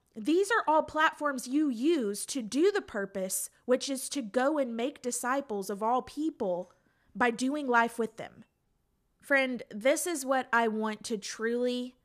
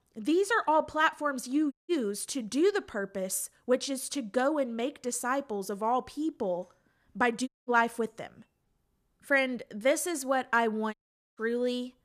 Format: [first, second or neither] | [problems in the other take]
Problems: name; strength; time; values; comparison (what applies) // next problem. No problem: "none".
first | audio cutting out; at 1.5 s, at 7.5 s and at 11 s